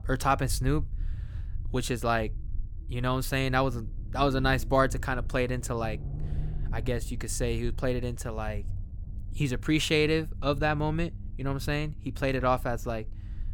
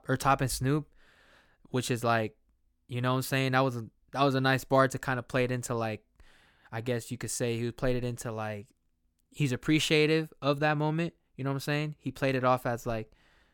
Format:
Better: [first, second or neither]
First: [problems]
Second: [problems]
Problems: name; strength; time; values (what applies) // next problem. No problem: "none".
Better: second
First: low rumble; faint; throughout; 25 dB below the speech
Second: none